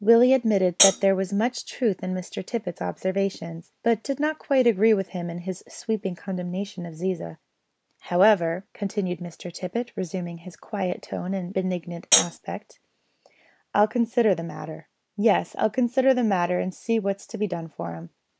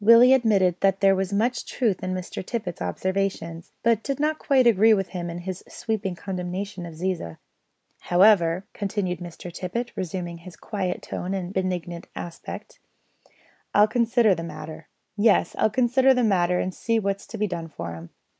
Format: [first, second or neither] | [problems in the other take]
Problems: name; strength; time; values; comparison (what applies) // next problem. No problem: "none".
second | background sound (Hi-hat); 4 dB above the speech